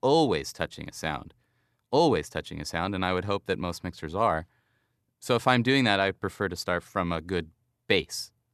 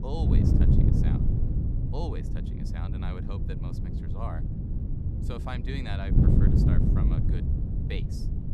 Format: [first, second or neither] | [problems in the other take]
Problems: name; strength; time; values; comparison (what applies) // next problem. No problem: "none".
first | wind noise on the microphone; heavy; 4 dB above the speech